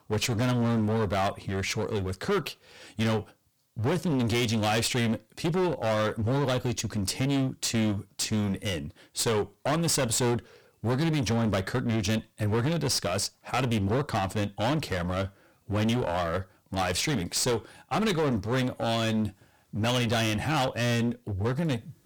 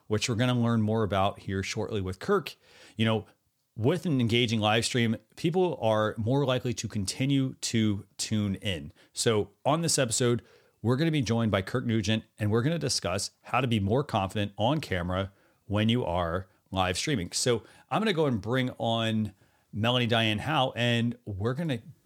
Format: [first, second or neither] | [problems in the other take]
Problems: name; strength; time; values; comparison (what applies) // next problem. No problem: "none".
second | distortion; heavy; 20% of the sound clipped